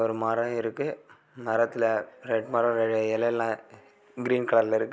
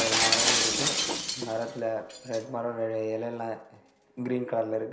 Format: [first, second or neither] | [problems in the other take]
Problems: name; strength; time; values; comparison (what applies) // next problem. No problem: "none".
first | background sound (Shatter); 2 dB above the speech // room echo; dies away in 0.5 s